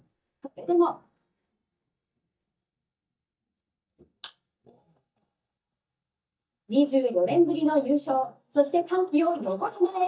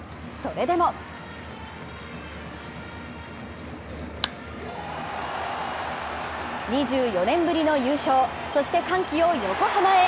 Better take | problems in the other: second | noise reduction (neural mask model DeepFilterNet 3)

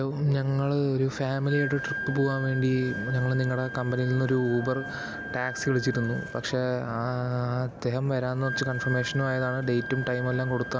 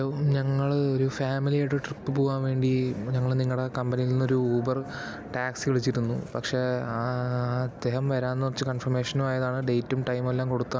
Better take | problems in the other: second | background sound (Wind instrument, woodwind instrument); 11 dB below the speech

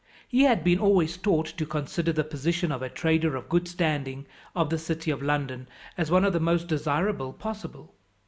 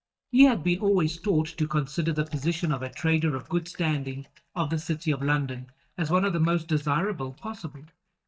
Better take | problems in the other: first | noise reduction (neural mask model DeepFilterNet 3)

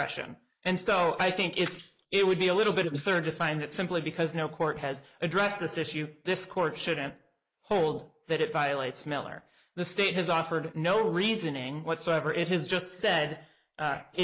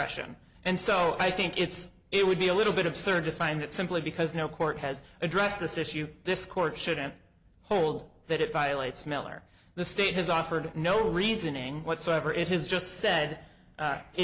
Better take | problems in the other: second | noise reduction (neural mask model Resemble Enhance denoiser)

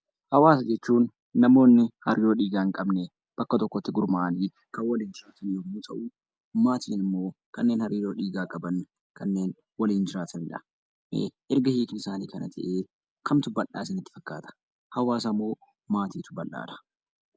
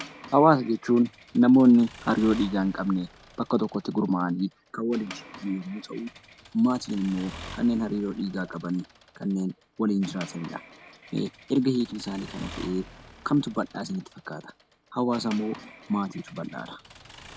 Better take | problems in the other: first | background sound (Accelerating, revving, vroom / Mechanisms); 20 dB below the speech

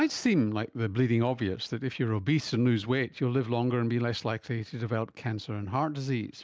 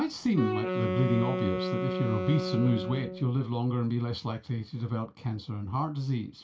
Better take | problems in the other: first | background sound (Wind instrument, woodwind instrument); 3 dB below the speech // room echo; dies away in 0.2 s

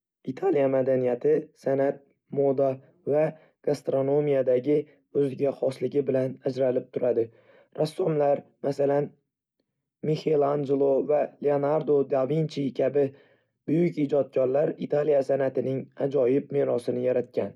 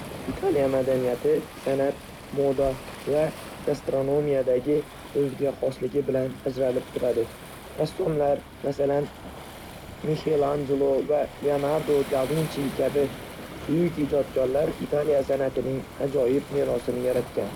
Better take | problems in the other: first | background sound (Waves, surf); 14 dB below the speech

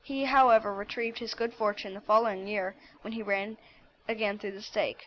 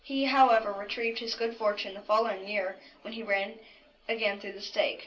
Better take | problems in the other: first | room echo; dies away in 0.3 s

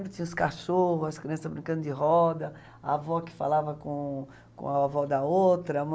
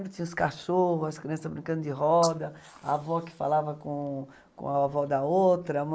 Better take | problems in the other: first | noise reduction (neural mask model Resemble Enhance denoiser)

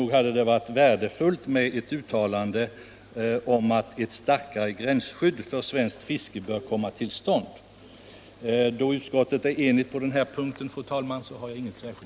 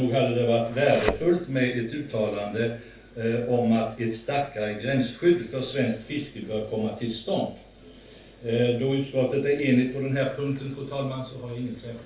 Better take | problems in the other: first | background sound (Thump, thud); 6 dB below the speech // room echo; dies away in 0.3 s

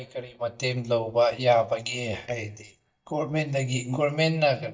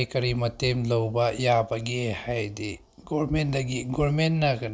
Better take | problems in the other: second | noise reduction (neural mask model DeepFilterNet 3)

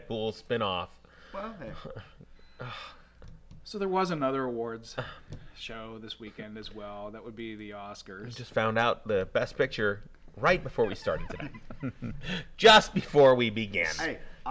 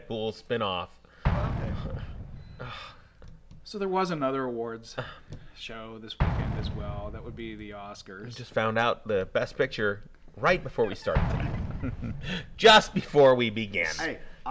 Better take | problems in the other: first | background sound (Explosion); 8 dB below the speech

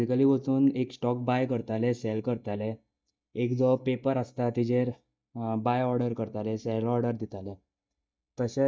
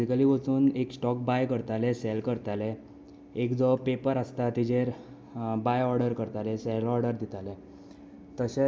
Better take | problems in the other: second | noise reduction (neural mask model DeepFilterNet 3)

